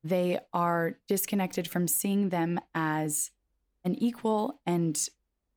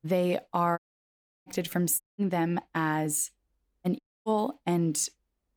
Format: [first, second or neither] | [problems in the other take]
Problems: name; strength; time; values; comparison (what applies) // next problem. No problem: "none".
first | audio cutting out; at 1 s for 0.5 s, at 2 s and at 4 s